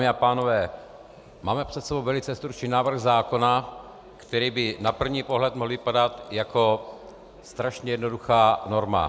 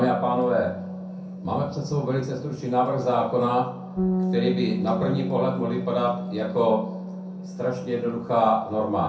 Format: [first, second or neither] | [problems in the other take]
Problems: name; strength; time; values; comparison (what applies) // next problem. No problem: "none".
first | background sound (Bass guitar); 6 dB below the speech // room echo; dies away in 0.5 s